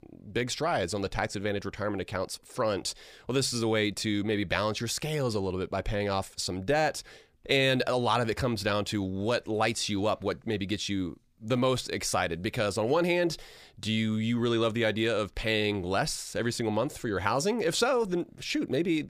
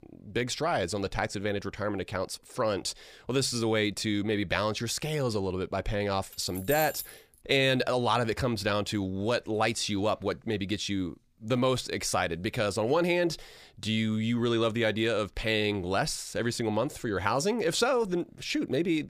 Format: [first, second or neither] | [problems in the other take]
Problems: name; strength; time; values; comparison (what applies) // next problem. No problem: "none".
first | jangling keys; noticeable; at 6.5 s; peak 6 dB below the speech